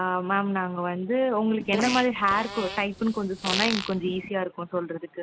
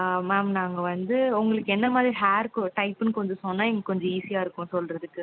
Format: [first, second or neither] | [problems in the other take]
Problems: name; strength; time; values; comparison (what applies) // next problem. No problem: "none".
second | background sound (Fart); 7 dB below the speech